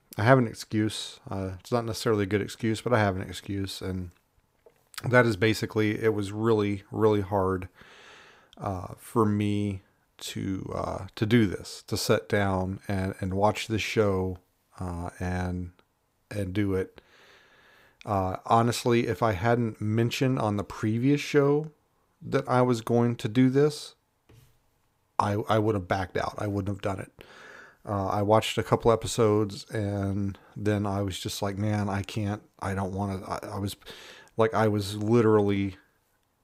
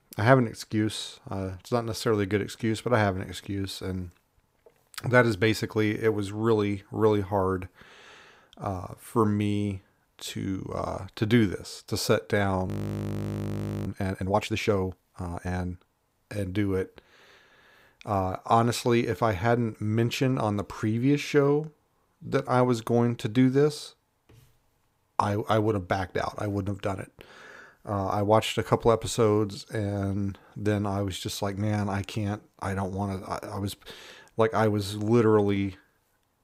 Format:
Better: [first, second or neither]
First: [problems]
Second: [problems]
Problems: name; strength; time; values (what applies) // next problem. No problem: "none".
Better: first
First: none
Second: audio freezing; at 13 s for 1 s